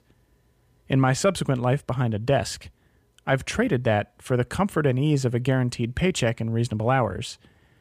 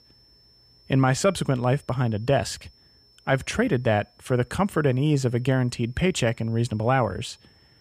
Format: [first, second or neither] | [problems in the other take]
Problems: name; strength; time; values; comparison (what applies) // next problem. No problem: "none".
first | high-pitched whine; faint; throughout; 5.5 kHz, 30 dB below the speech